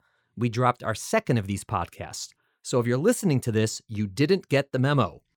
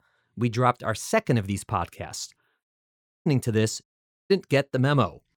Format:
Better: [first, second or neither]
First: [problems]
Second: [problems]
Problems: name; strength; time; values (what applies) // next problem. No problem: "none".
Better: first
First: none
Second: audio cutting out; at 2.5 s for 0.5 s and at 4 s